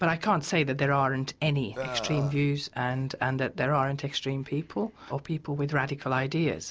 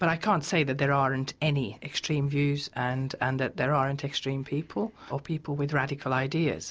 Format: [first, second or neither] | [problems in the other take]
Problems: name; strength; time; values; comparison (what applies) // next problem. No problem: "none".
second | background sound (Burping, eructation); 7 dB below the speech